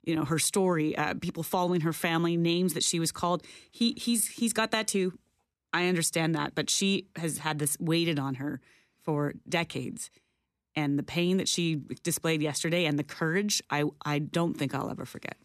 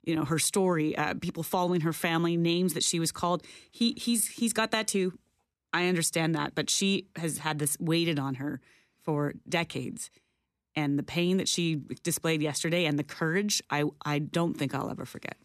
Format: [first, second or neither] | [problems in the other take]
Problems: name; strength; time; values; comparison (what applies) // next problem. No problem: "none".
neither | none